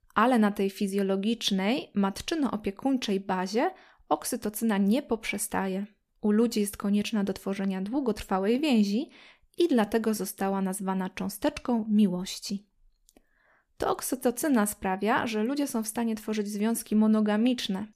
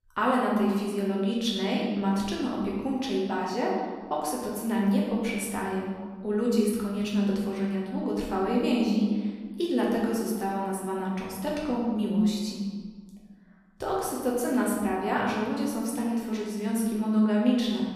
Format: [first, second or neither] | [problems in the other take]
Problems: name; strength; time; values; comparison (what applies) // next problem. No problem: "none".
first | room echo; noticeable; dies away in 1.4 s // off-mic speech; far